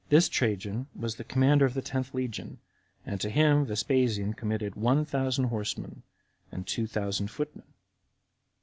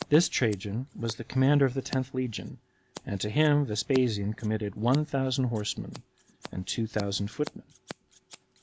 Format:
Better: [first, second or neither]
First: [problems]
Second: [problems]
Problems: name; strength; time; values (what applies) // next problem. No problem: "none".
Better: first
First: none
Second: background sound (Scissors); 18 dB below the speech